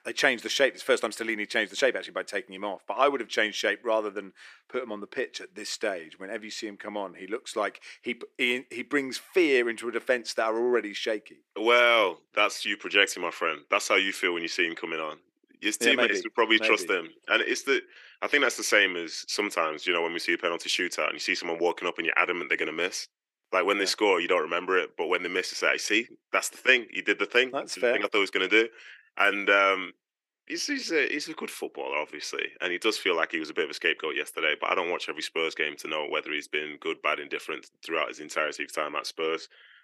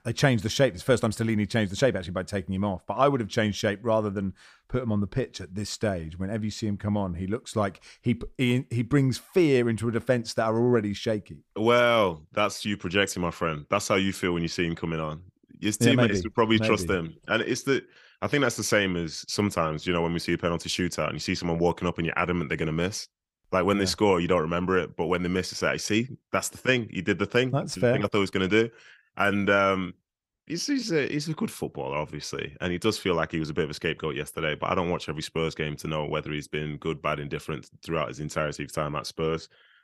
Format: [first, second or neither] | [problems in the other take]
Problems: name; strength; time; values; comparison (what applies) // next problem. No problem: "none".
second | thin; somewhat; fading below 350 Hz